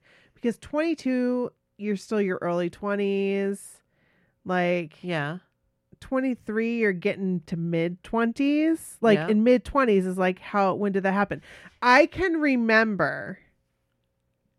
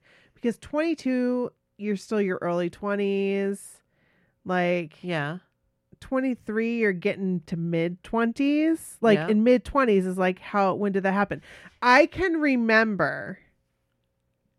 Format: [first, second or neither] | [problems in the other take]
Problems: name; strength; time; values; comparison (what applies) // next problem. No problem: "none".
neither | muffled; slightly; fading above 2.5 kHz; the same in both